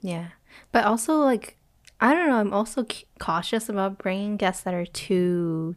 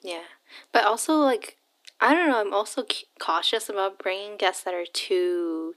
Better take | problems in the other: first | thin; somewhat; fading below 300 Hz

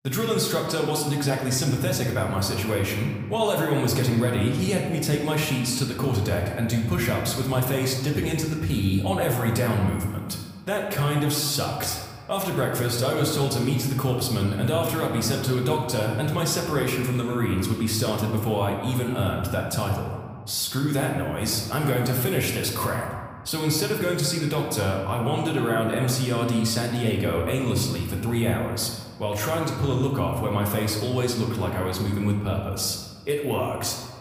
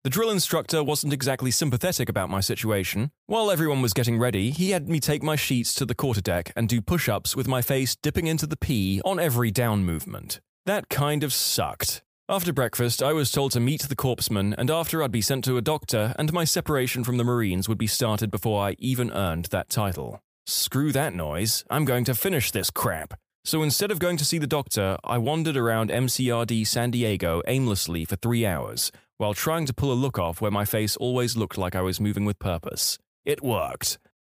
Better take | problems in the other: second | room echo; noticeable; dies away in 1.4 s // off-mic speech; somewhat distant

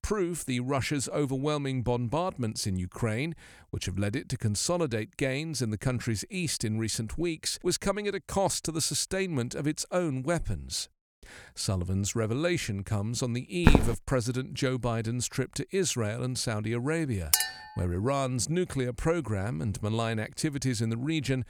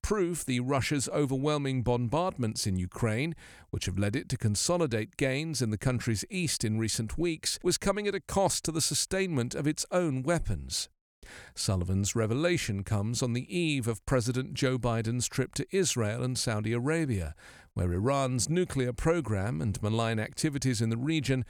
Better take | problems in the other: second | footsteps; loud; at 14 s; peak 6 dB above the speech // clattering dishes; loud; at 17 s; peak 5 dB above the speech

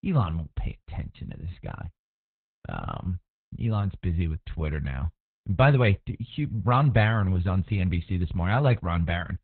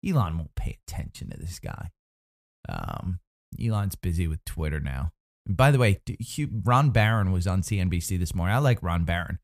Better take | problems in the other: second | garbled, watery; badly; nothing above 4 kHz

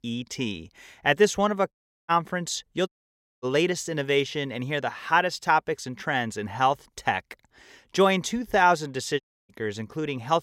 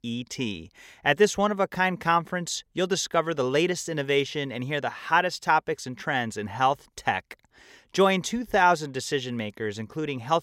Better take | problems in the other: second | audio cutting out; at 1.5 s, at 3 s for 0.5 s and at 9 s

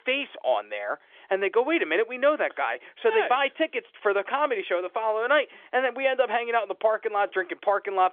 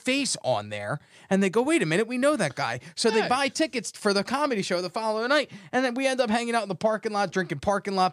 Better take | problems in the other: second | phone-call audio; nothing above 3.5 kHz

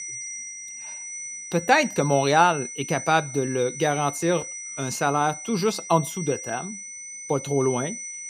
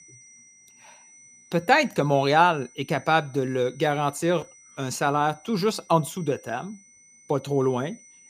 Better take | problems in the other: second | high-pitched whine; loud; throughout; 6 kHz, 10 dB below the speech; faint in the second

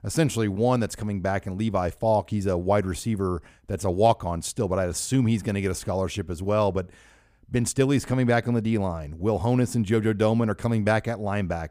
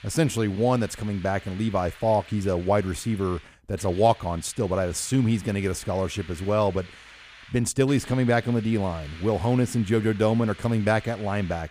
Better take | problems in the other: first | hiss; faint; throughout; 20 dB below the speech

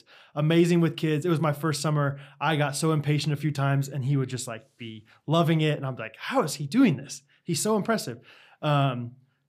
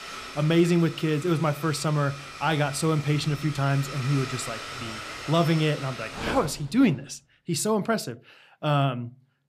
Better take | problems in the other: first | household noises; noticeable; until 6.5 s; 10 dB below the speech

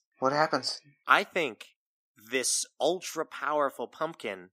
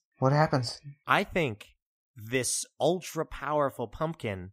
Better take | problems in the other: second | thin; somewhat; fading below 250 Hz

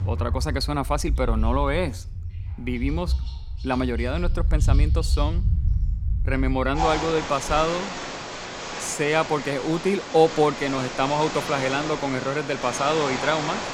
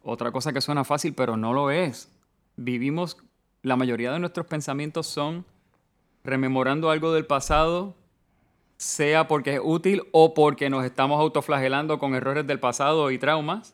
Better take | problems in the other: second | animal sounds; loud; throughout; 3 dB below the speech

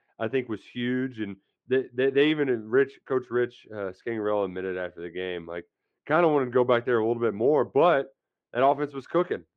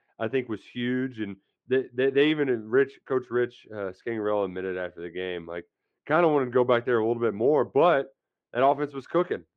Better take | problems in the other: neither | muffled; very; fading above 2.5 kHz; the same in both

